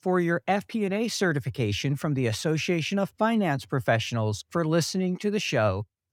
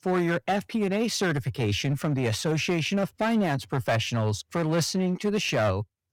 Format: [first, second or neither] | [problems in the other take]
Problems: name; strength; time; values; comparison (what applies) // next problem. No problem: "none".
first | distortion; slight; 10% of the sound clipped